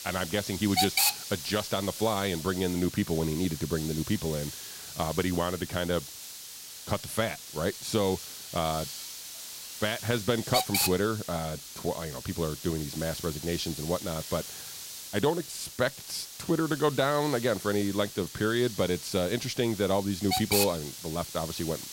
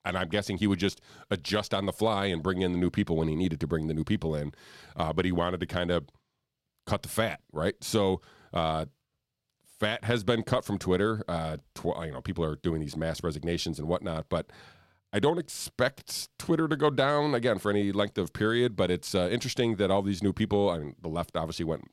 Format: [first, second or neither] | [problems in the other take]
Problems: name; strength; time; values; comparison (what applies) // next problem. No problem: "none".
second | hiss; loud; throughout; 5 dB below the speech